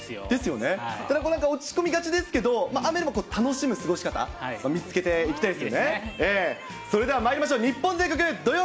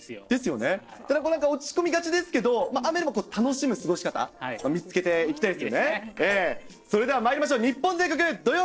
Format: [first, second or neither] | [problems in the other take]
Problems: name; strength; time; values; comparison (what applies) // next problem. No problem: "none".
first | noise reduction (neural separator model SepFormer DNS4)